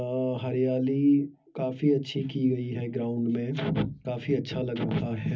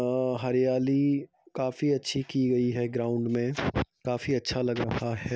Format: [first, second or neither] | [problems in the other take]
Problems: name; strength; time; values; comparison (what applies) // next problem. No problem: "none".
second | room echo; dies away in 0.4 s